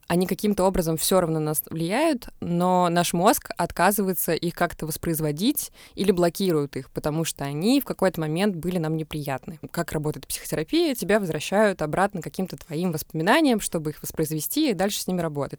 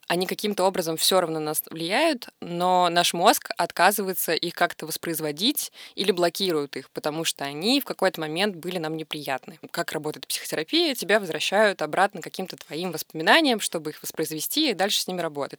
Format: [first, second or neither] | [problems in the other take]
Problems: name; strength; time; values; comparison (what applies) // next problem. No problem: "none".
first | thin; very slightly; fading below 250 Hz